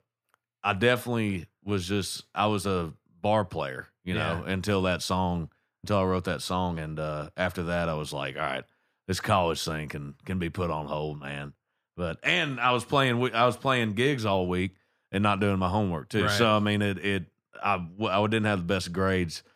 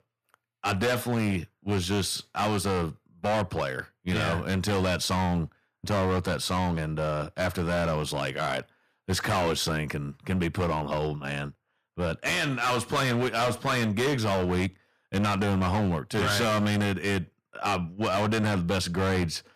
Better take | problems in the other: first | distortion; heavy; 16% of the sound clipped

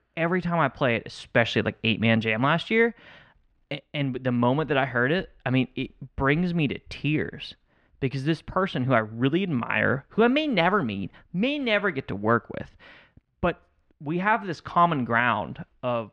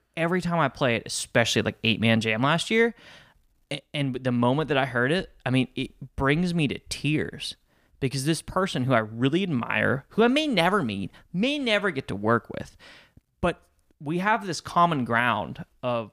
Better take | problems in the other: second | muffled; slightly; fading above 2.5 kHz

